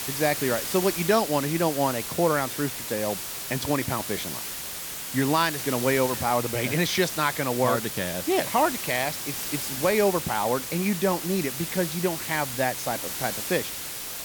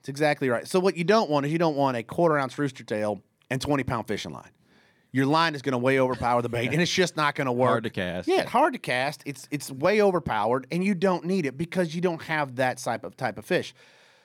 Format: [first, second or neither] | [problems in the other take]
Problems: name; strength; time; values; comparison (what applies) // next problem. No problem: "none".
second | hiss; loud; throughout; 4 dB below the speech